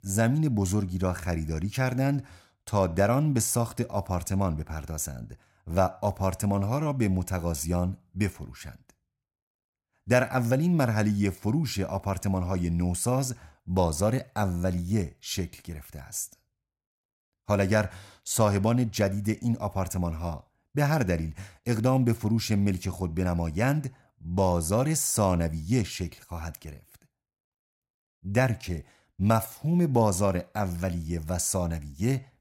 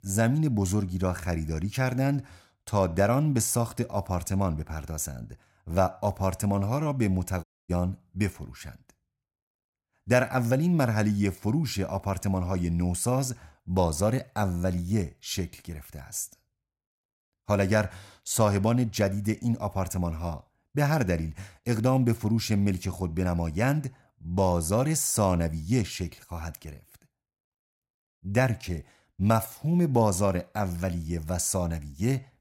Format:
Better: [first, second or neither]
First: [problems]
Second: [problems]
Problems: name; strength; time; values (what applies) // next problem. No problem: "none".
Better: first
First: none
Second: audio cutting out; at 7.5 s